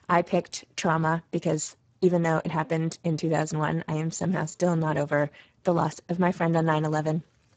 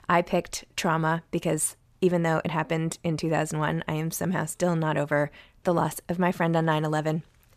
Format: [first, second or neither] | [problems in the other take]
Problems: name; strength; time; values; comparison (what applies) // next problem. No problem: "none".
second | garbled, watery; badly; nothing above 7.5 kHz